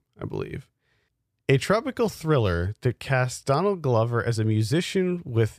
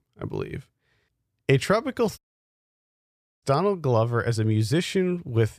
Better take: first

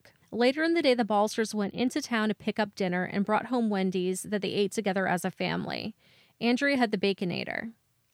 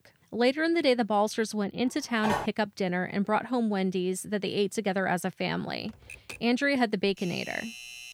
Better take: first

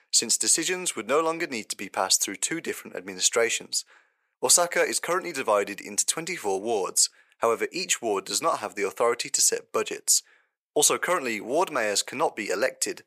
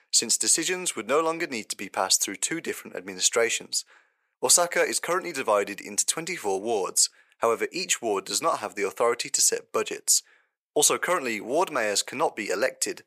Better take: neither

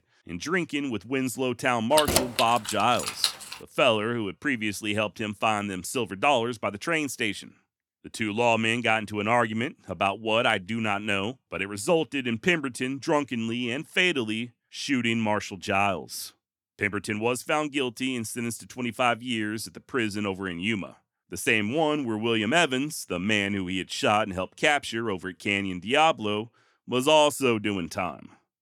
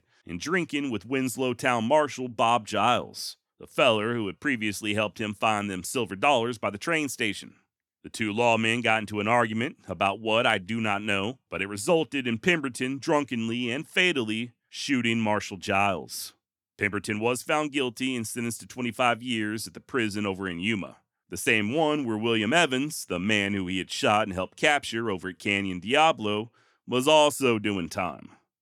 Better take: second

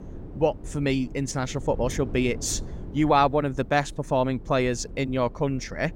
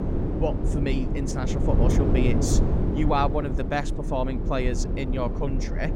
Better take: first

